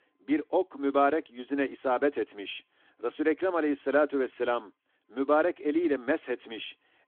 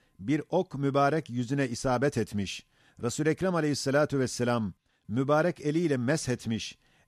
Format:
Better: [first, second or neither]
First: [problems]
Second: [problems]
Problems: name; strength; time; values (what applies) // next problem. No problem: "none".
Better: second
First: phone-call audio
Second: none